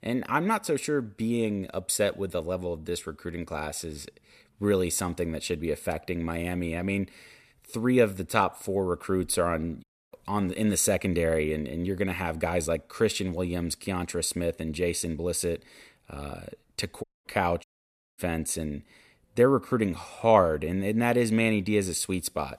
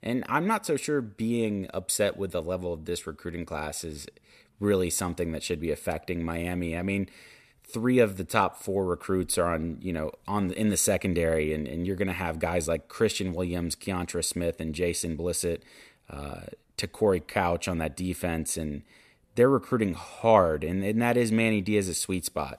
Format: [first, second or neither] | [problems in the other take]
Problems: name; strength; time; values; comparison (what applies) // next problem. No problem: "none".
second | audio cutting out; at 10 s, at 17 s and at 18 s for 0.5 s